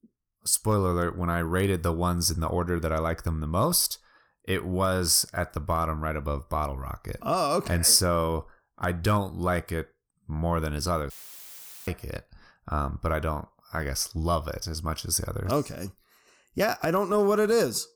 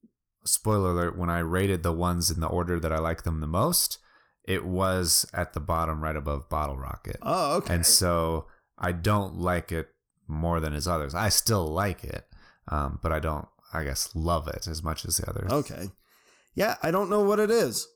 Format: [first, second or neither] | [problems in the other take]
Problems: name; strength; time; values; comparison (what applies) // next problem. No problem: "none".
second | audio cutting out; filled with static; at 11 s for 1 s